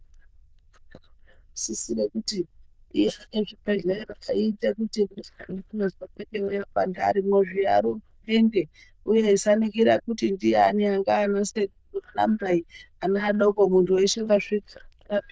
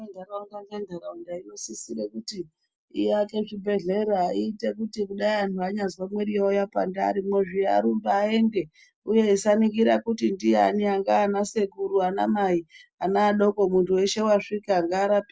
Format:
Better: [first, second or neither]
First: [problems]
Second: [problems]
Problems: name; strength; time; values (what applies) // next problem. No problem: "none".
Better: second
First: noise reduction (neural diffusion model UNIVERSE++)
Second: none